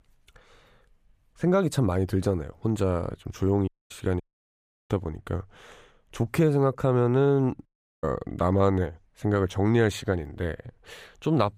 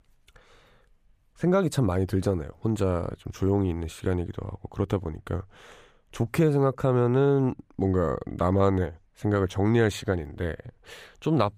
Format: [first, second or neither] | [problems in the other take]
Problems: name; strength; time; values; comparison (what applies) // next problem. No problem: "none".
second | audio cutting out; at 3.5 s, at 4 s for 0.5 s and at 7.5 s